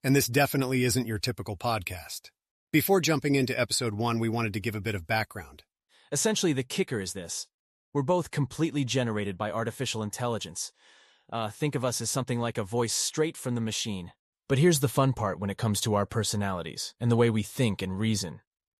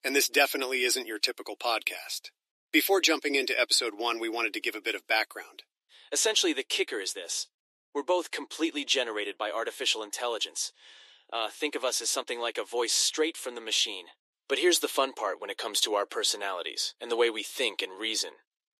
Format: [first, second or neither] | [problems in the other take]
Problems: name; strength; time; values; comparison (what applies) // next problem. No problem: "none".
first | thin; very; fading below 300 Hz